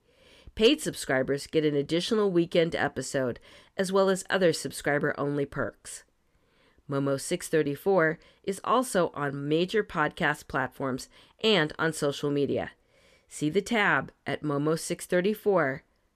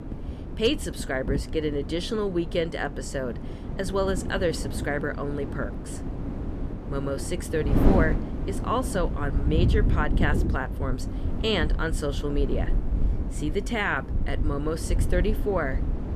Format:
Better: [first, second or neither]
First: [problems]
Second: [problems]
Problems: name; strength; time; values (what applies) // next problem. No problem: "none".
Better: first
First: none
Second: wind noise on the microphone; heavy; 9 dB below the speech